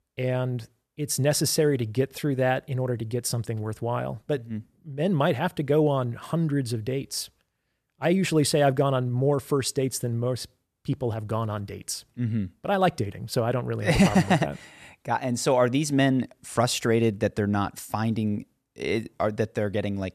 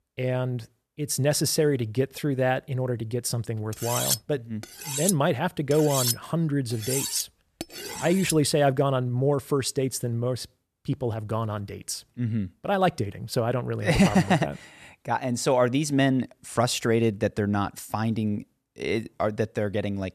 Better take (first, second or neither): first